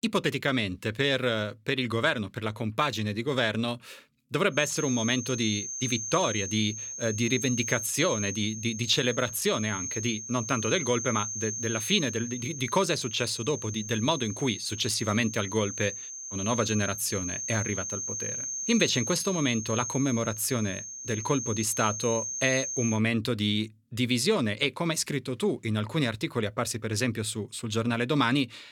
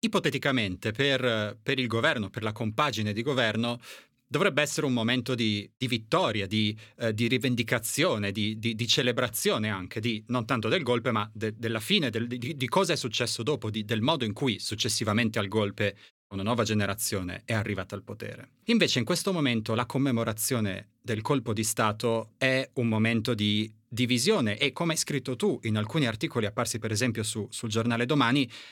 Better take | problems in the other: second | high-pitched whine; loud; from 4.5 to 23 s; 6.5 kHz, 5 dB below the speech

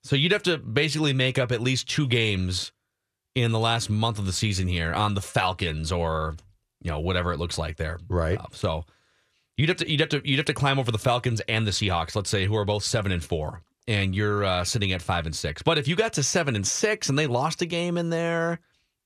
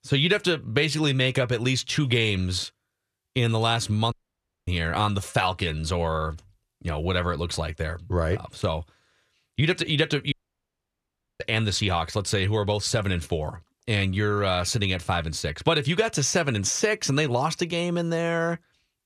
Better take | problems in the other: first | audio cutting out; at 4 s for 0.5 s and at 10 s for 1 s

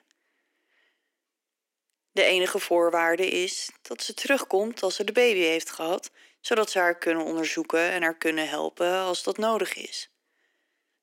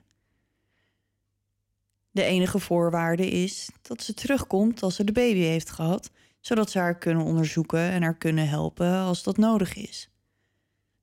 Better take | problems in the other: second | thin; very; fading below 300 Hz

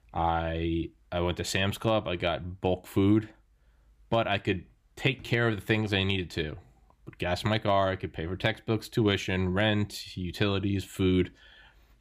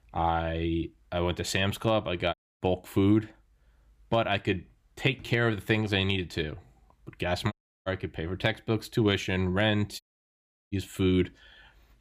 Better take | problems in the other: first | audio cutting out; at 2.5 s, at 7.5 s and at 10 s for 0.5 s

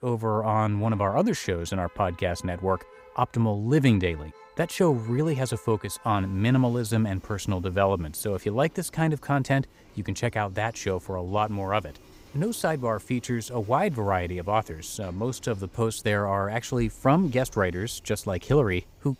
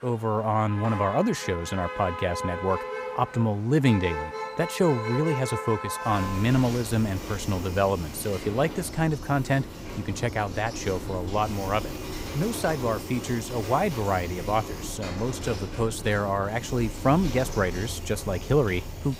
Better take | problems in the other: first | traffic noise; loud; throughout; 9 dB below the speech; faint in the first

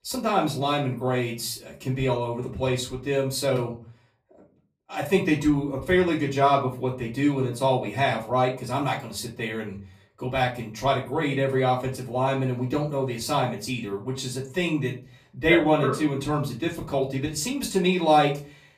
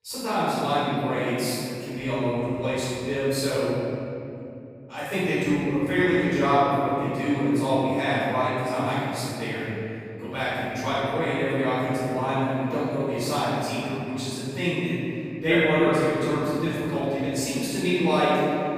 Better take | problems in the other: first | room echo; strong; dies away in 3 s; slight in the first // off-mic speech; far; far in the first

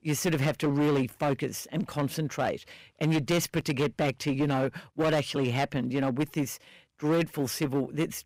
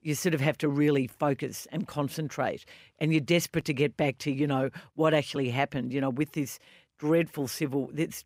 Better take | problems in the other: second | distortion; slight; 14% of the sound clipped

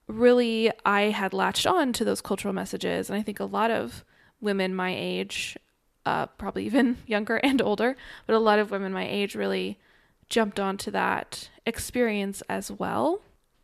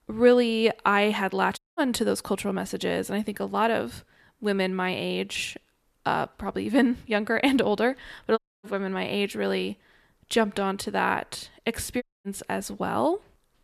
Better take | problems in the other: first | audio cutting out; at 1.5 s, at 8.5 s and at 12 s

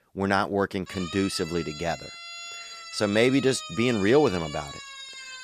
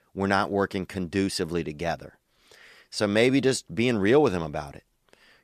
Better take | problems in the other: second | siren; faint; from 1 s on; peak 10 dB below the speech

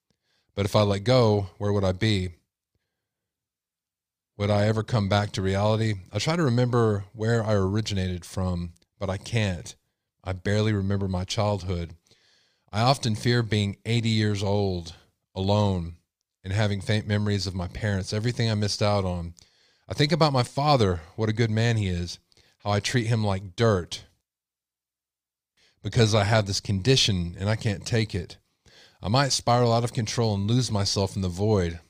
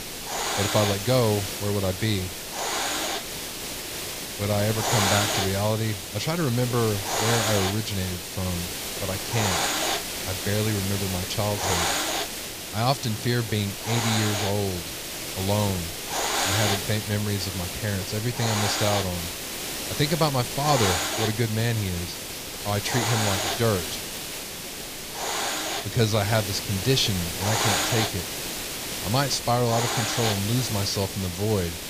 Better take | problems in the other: first | hiss; loud; throughout; 1 dB below the speech

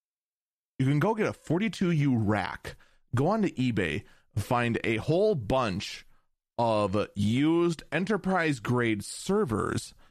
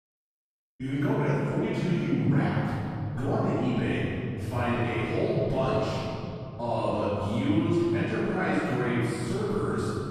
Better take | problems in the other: first | off-mic speech; far // room echo; strong; dies away in 3 s

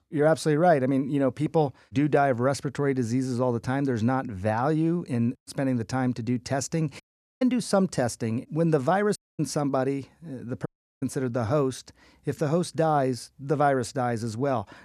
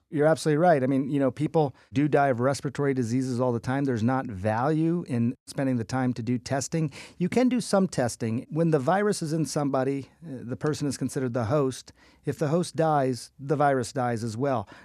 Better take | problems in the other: second | audio cutting out; at 7 s, at 9 s and at 11 s

